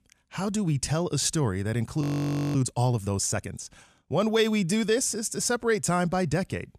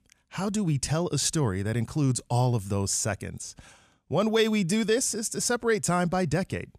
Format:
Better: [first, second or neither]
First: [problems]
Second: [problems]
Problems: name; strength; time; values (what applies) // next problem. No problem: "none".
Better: second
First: audio freezing; at 2 s for 0.5 s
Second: none